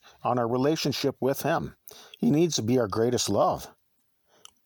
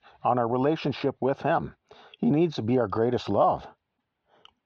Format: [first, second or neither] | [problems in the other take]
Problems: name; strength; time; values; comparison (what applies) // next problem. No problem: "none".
first | muffled; very; fading above 3.5 kHz